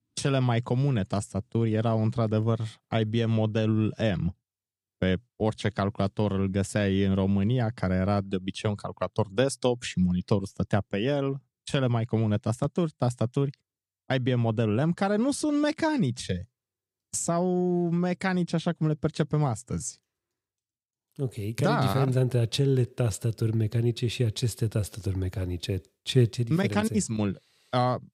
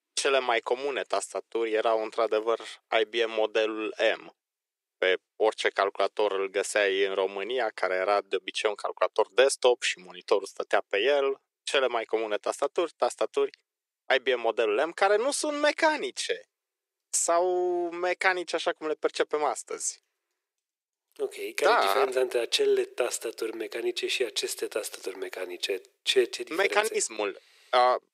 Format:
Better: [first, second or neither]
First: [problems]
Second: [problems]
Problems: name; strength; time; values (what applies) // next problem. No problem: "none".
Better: first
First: none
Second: thin; very; fading below 400 Hz